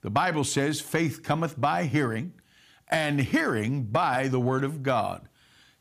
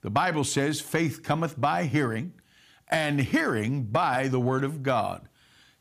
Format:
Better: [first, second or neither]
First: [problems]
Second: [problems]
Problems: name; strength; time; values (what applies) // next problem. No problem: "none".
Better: neither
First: none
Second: none